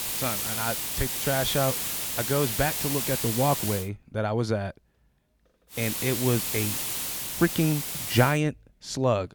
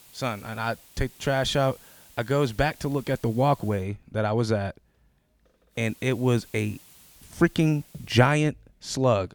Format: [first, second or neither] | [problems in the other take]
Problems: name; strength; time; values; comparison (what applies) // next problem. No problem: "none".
second | hiss; loud; until 4 s and from 6 to 8.5 s; 1 dB below the speech; faint in the second